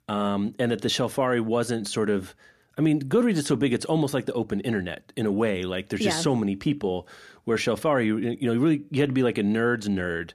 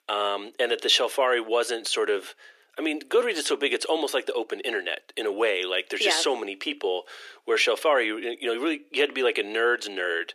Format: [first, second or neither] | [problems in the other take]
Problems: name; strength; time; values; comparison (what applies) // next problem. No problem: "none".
first | thin; very; fading below 350 Hz